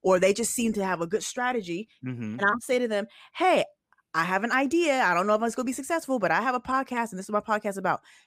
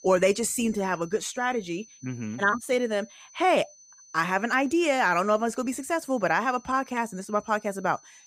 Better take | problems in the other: first | high-pitched whine; faint; throughout; 6 kHz, 25 dB below the speech

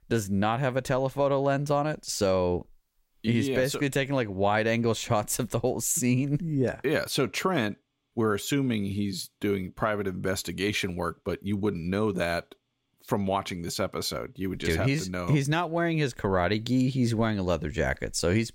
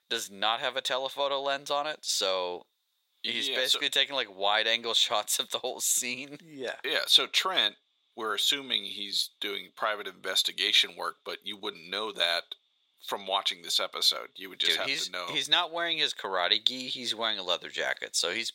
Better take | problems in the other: first | thin; very; fading below 700 Hz

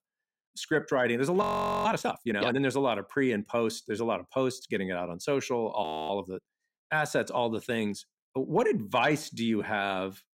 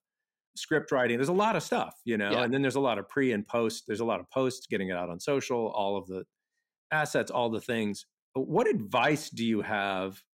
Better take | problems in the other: second | audio freezing; at 1.5 s and at 6 s

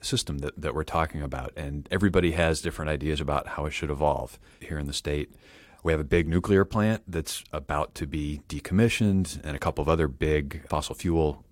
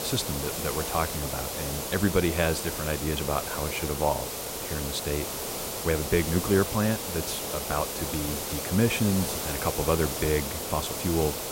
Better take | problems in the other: first | hiss; loud; throughout; 2 dB below the speech

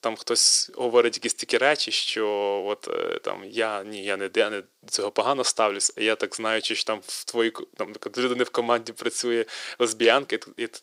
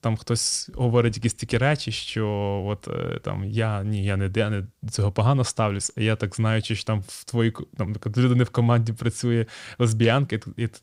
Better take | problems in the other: second | thin; very; fading below 350 Hz

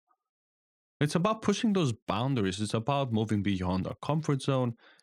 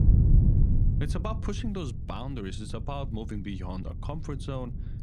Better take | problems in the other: first | wind noise on the microphone; heavy; 4 dB below the speech

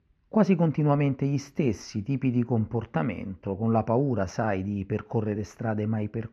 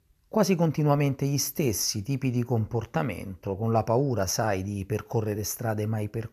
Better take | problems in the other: second | muffled; slightly; fading above 2.5 kHz

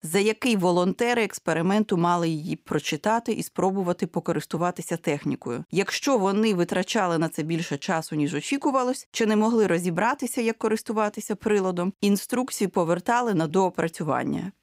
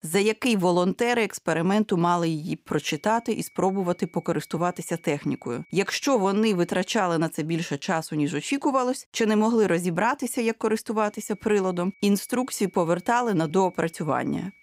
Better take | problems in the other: first | high-pitched whine; faint; from 2.5 to 7 s and from 11 s on; 2.5 kHz, 30 dB below the speech

